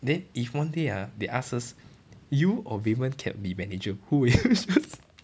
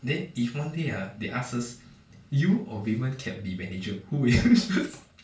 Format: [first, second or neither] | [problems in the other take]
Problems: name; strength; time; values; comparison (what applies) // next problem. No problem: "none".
first | room echo; dies away in 0.3 s